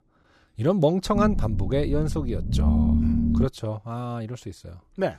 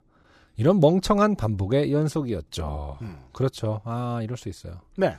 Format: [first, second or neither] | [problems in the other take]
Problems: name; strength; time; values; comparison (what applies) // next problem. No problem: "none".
second | low rumble; loud; from 1 to 3.5 s; 5 dB below the speech